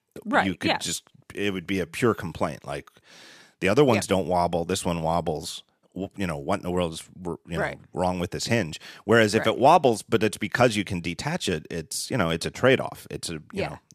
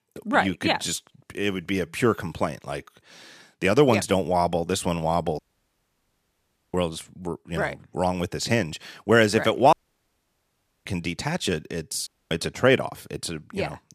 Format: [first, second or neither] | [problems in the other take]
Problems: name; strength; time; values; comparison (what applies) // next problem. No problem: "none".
first | audio cutting out; at 5.5 s for 1.5 s, at 9.5 s for 1 s and at 12 s